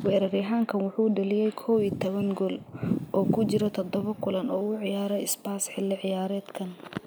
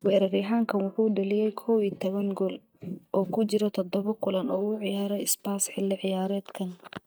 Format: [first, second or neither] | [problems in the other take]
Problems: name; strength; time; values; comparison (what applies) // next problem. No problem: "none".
first | noise reduction (neural mask model DeepFilterNet 3)